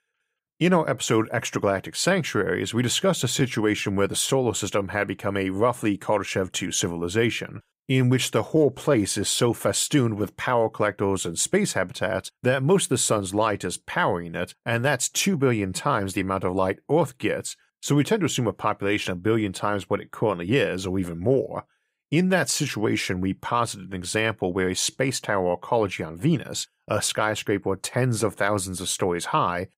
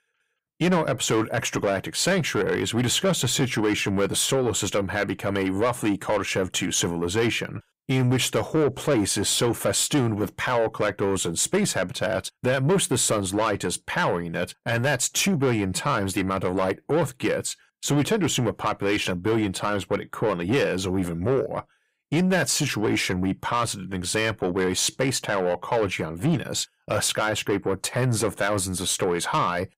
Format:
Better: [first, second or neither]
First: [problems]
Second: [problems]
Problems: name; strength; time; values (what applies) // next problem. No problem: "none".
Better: first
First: none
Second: distortion; slight; 10 dB below the speech